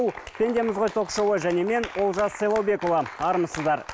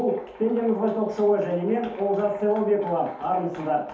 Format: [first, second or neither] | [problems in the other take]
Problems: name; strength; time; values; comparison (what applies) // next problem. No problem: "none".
first | room echo; dies away in 0.6 s